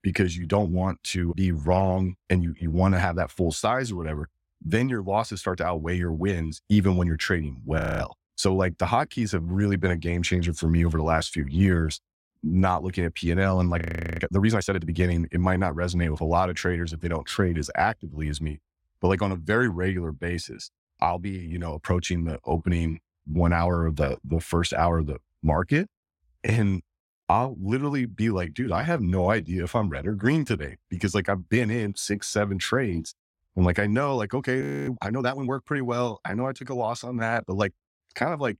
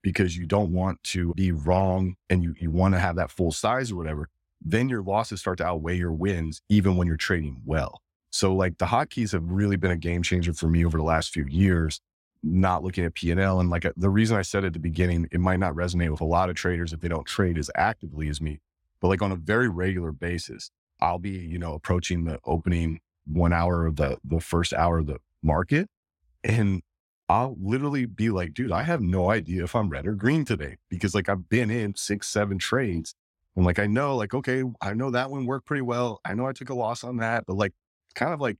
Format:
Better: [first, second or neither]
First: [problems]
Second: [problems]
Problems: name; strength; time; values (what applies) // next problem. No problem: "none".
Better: second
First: audio freezing; at 8 s, at 14 s and at 35 s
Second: none